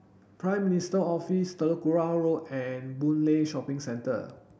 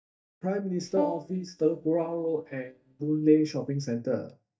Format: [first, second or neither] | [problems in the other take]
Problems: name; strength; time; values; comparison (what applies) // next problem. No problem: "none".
first | noise reduction (neural mask model DeepFilterNet 3)